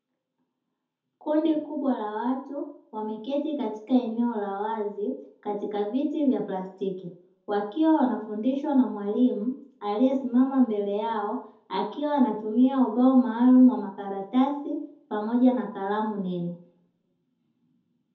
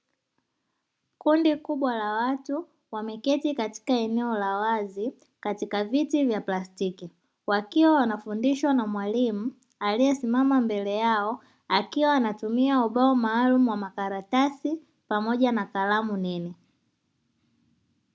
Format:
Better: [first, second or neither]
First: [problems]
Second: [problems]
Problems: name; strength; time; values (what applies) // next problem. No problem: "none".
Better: second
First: room echo; dies away in 0.5 s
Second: none